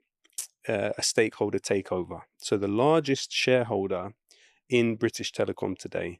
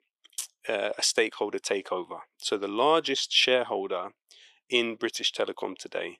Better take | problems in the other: first | thin; somewhat; fading below 350 Hz

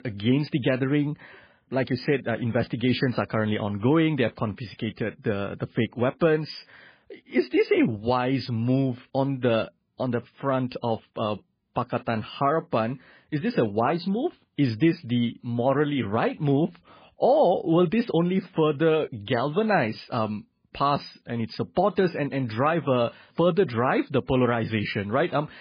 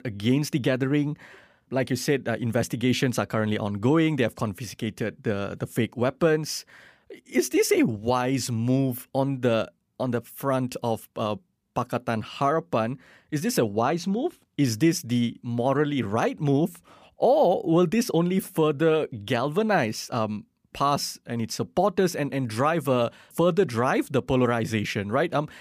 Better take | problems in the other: second | garbled, watery; badly; nothing above 5 kHz

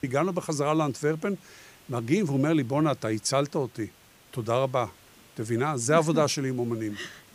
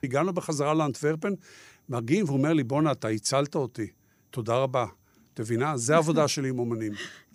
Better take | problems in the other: second | hiss; faint; throughout; 25 dB below the speech

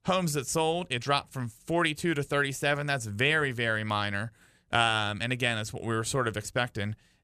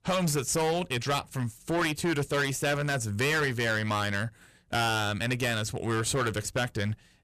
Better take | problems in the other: first | distortion; heavy; 14% of the sound clipped

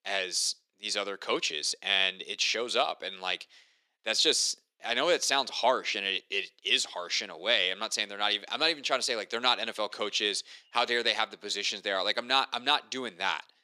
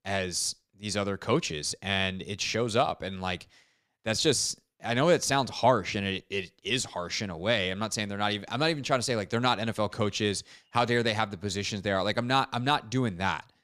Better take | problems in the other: second | thin; somewhat; fading below 350 Hz

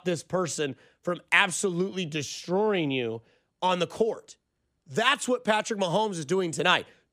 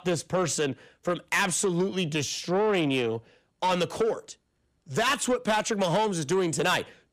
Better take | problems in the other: first | distortion; heavy; 8 dB below the speech

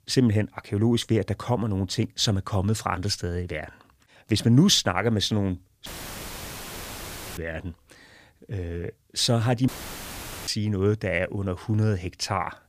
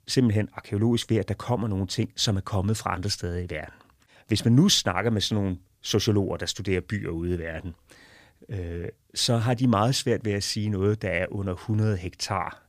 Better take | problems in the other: second | audio cutting out; filled with static; at 6 s for 1.5 s and at 9.5 s for 1 s

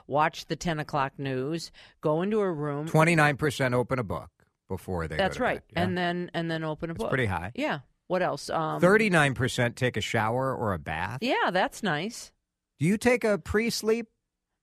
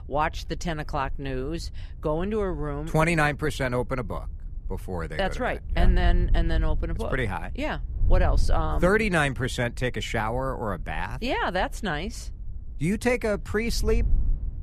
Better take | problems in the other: first | wind noise on the microphone; occasional gusts; 25 dB below the speech

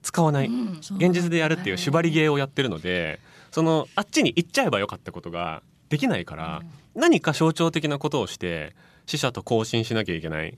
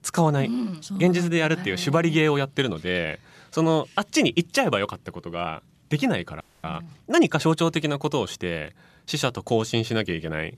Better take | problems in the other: first | audio freezing; at 6.5 s

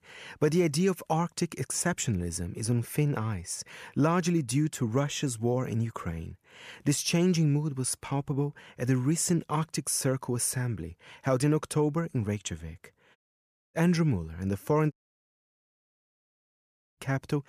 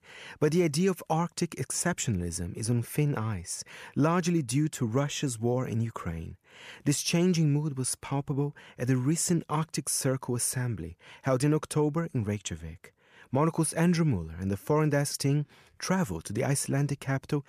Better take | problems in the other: second | audio cutting out; at 13 s for 0.5 s and at 15 s for 2 s

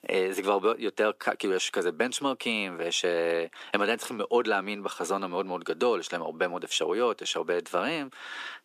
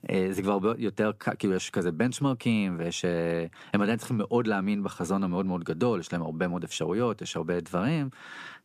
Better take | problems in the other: second | thin; somewhat; fading below 350 Hz

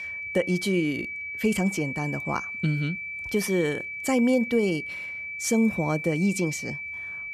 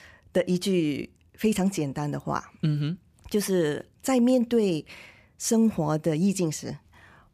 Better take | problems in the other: second | high-pitched whine; loud; throughout; 2.5 kHz, 6 dB below the speech

